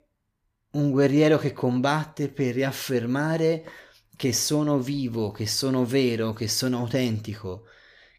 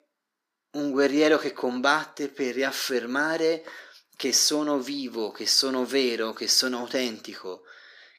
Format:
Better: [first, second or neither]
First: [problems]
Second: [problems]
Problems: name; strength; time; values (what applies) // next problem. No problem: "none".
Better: first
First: none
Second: thin; very slightly; fading below 250 Hz